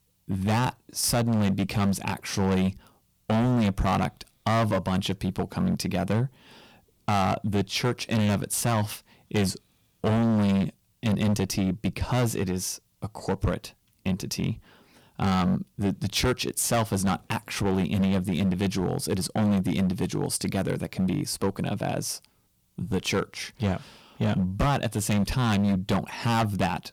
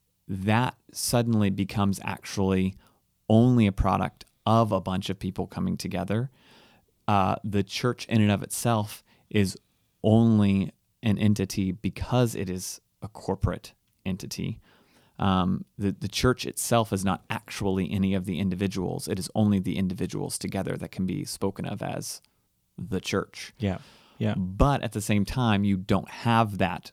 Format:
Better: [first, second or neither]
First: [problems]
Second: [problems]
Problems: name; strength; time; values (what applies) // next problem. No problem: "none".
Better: second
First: distortion; heavy; 11% of the sound clipped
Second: none